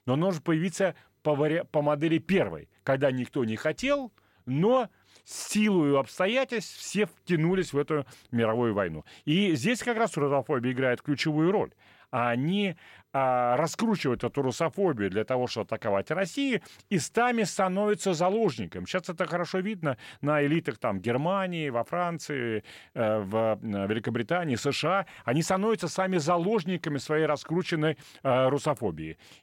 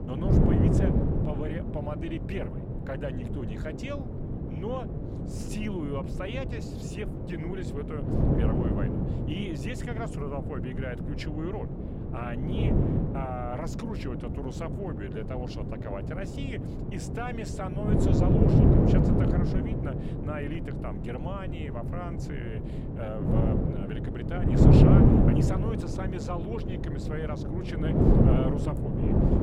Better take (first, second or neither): first